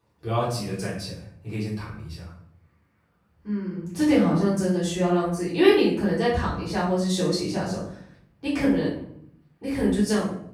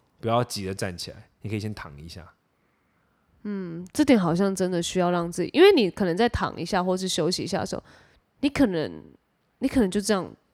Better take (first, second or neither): second